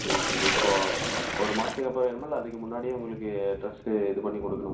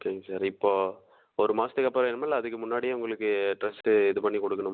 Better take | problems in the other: second | background sound (Sink (filling or washing)); 2 dB below the speech // room echo; dies away in 0.5 s

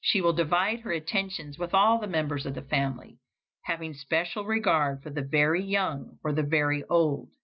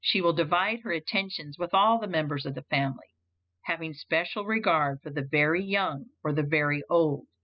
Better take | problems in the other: first | noise reduction (classical method spectral subtraction)

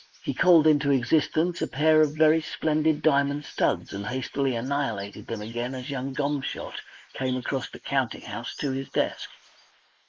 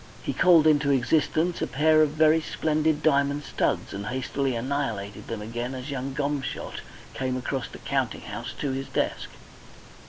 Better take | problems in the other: second | noise reduction (neural mask model Resemble Enhance denoiser)

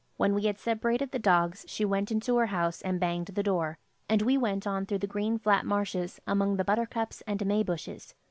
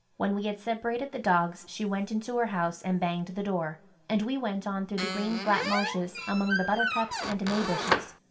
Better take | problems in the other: first | background sound (Squeak); 2 dB below the speech // room echo; dies away in 0.5 s

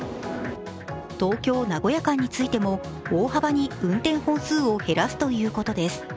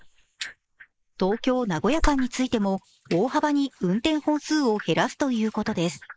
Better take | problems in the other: first | noise reduction (neural mask model Resemble Enhance denoiser)

